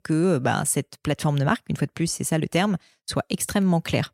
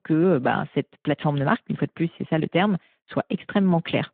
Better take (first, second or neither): first